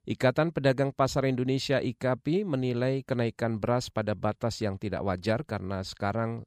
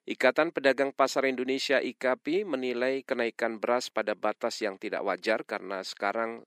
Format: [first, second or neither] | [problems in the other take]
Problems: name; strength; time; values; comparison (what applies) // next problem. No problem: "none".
first | thin; somewhat; fading below 300 Hz